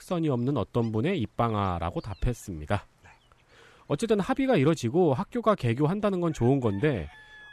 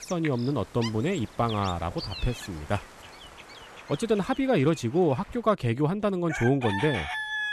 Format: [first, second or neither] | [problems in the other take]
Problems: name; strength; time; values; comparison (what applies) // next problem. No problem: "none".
first | animal sounds; loud; throughout; 10 dB below the speech; faint in the first